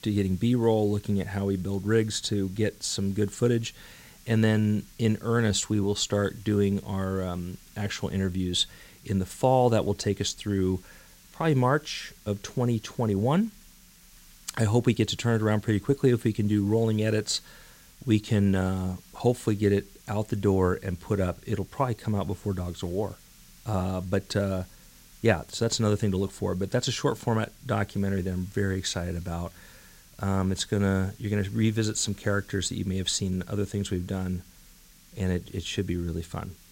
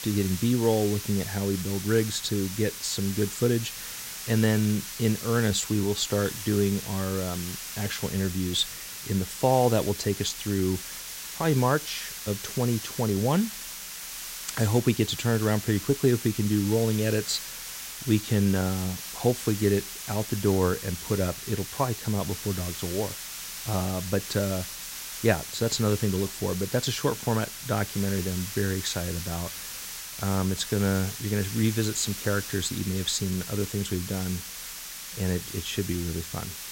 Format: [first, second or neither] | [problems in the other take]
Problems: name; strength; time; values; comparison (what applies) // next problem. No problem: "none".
first | hiss; loud; throughout; 8 dB below the speech; faint in the first